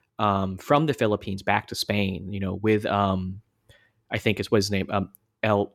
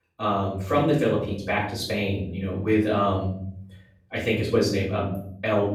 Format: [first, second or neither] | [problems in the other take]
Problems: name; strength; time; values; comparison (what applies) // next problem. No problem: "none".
first | room echo; noticeable; dies away in 0.8 s // off-mic speech; far